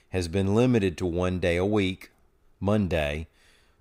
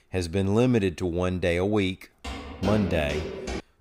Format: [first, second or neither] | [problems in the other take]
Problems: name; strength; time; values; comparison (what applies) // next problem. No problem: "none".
first | footsteps; noticeable; from 2 s on; peak 6 dB below the speech